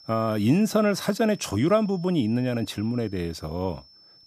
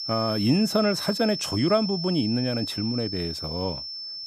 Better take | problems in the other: first | high-pitched whine; loud; throughout; 5.5 kHz, 5 dB below the speech; faint in the first

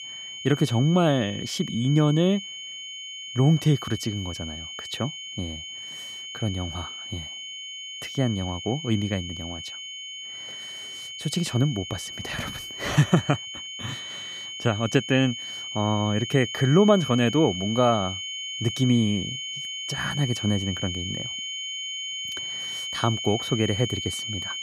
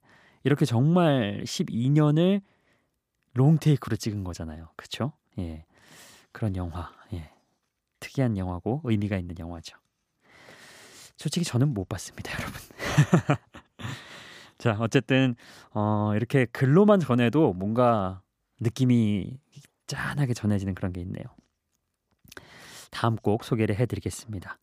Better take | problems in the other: second | high-pitched whine; loud; throughout; 3 kHz, 7 dB below the speech

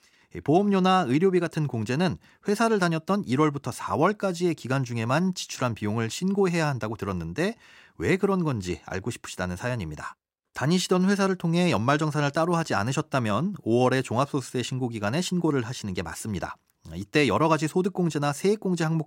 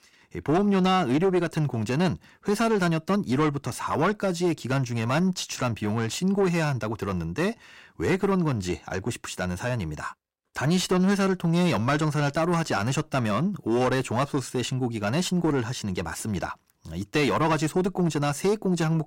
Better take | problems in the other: first | distortion; slight; 9 dB below the speech

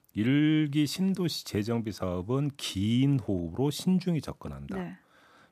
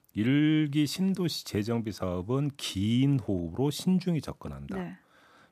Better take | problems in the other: neither | none

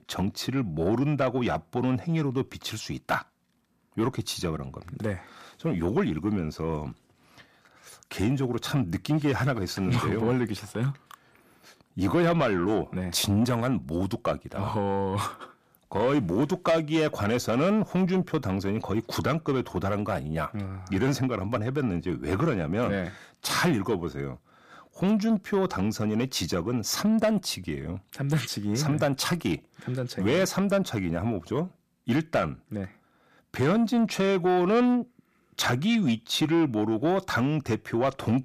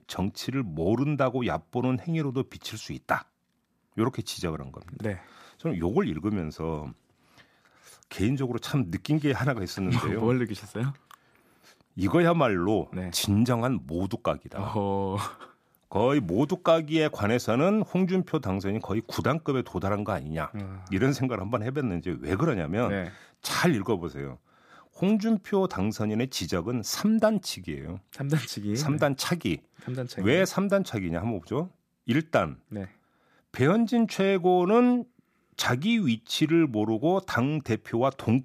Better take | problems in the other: second | distortion; slight; 10 dB below the speech

